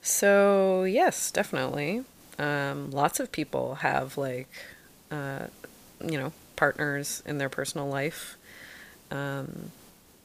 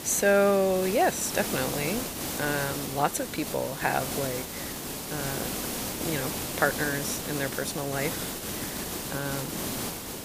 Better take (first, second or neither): first